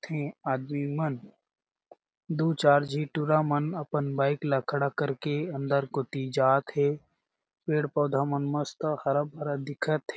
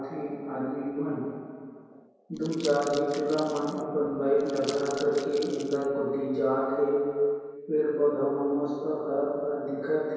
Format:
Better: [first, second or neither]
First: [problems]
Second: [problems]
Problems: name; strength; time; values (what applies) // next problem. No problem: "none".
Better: first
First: none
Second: background sound (Crumpling, crinkling); 16 dB below the speech // room echo; dies away in 2.2 s